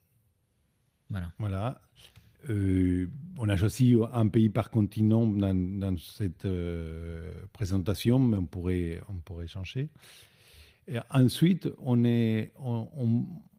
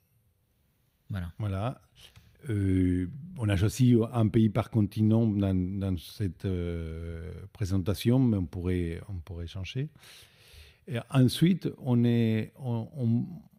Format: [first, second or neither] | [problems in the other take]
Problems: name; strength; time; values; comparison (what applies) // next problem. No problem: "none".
second | garbled, watery; slightly; nothing above 15.5 kHz